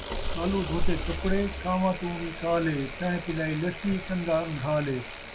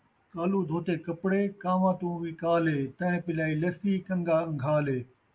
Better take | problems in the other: second | background sound (Bicycle); 3 dB below the speech

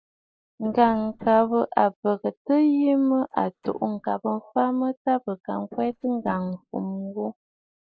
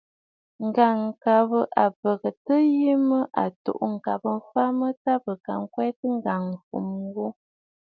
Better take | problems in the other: second | noise reduction (neural mask model Resemble Enhance denoiser)

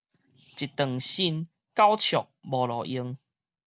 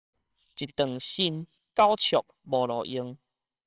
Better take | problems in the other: first | noise reduction (neural separator model SepFormer WHAMR!)

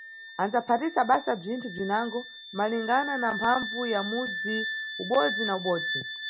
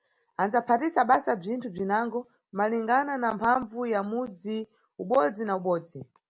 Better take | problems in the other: second | background sound (Wind instrument, woodwind instrument); 7 dB below the speech

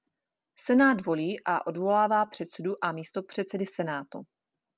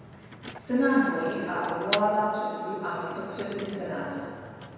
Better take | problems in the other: first | background sound (Motor vehicle (road)); 12 dB below the speech // room echo; dies away in 1.8 s

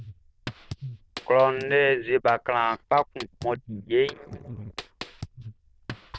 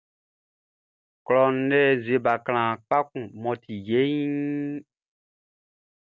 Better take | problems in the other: second | noise reduction (neural diffusion model UNIVERSE++)

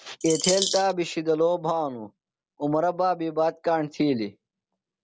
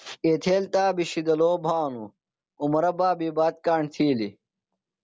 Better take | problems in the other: second | background sound (Bird vocalization, bird call, bird song); 2 dB below the speech

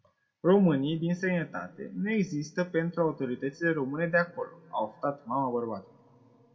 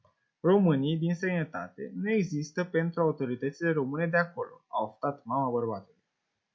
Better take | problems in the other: second | room echo; dies away in 0.7 s

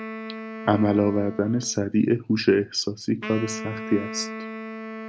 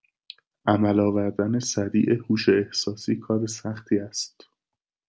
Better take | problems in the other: second | background sound (Wind instrument, woodwind instrument); 11 dB below the speech

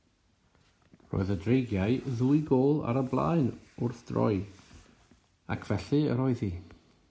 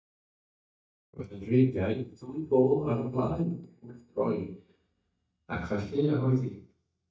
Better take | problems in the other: first | noise reduction (neural mask model DeepFilterNet 3)

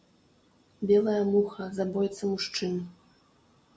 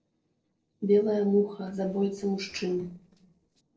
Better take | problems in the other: first | noise reduction (neural separator model SepFormer DNS4)

